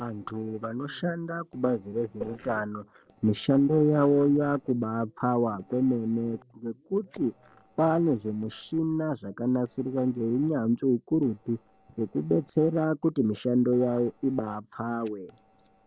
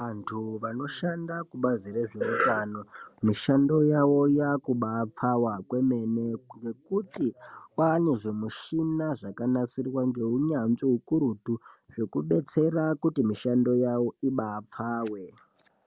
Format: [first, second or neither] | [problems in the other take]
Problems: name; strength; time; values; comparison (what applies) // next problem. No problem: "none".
second | noise reduction (neural separator model SepFormer DNS4)